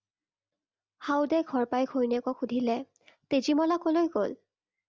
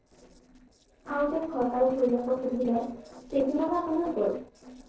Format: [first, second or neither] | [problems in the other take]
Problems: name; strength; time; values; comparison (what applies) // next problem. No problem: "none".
first | noise reduction (neural separator model SepFormer DNS4)